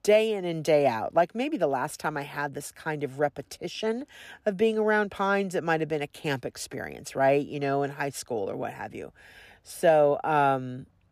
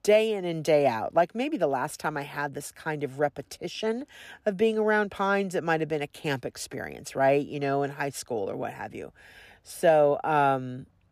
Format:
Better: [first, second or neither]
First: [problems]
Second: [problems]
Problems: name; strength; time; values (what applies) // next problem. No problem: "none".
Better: neither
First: none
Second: none